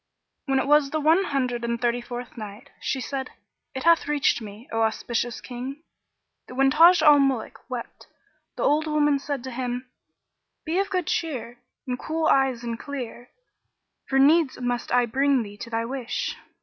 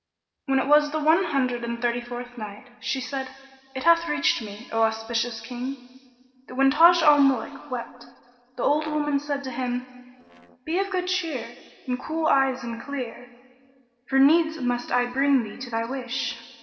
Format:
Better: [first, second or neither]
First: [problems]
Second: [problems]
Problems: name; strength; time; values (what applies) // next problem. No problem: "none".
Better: first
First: none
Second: noise reduction (neural separator model SepFormer DNS4)